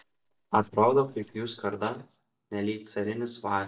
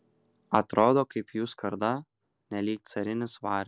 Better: second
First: noise reduction (neural mask model DeepFilterNet 3)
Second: none

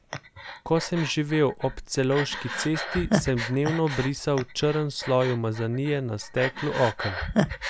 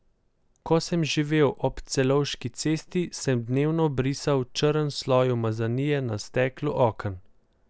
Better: second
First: background sound (Breathing); 6 dB below the speech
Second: none

